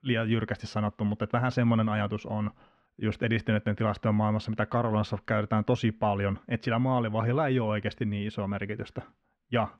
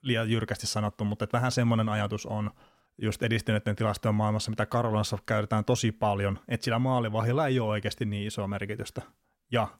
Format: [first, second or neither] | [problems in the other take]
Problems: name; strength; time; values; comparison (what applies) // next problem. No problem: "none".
second | muffled; slightly; fading above 2.5 kHz